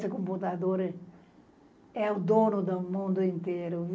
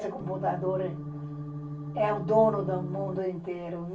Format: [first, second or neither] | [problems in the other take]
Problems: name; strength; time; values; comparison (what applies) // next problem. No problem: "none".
first | background sound (Organ); 7 dB below the speech // room echo; dies away in 0.2 s